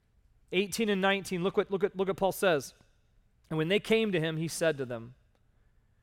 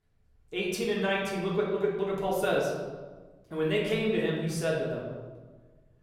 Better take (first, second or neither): first